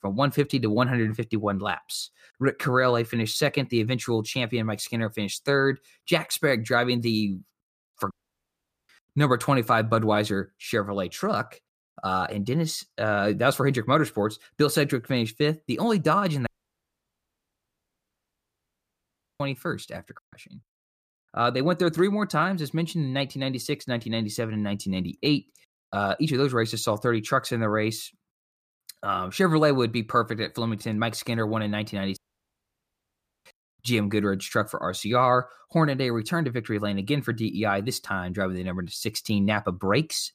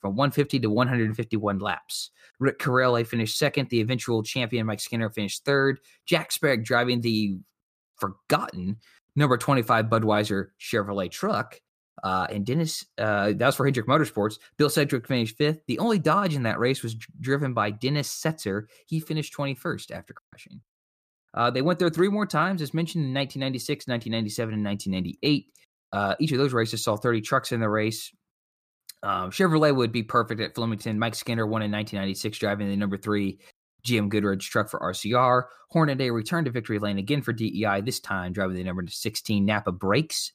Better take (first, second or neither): second